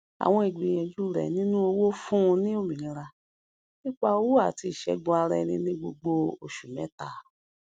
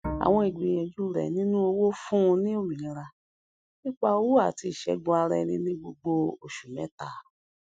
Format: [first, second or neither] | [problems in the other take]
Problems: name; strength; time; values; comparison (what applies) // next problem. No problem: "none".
first | noise reduction (classical method Wiener filter)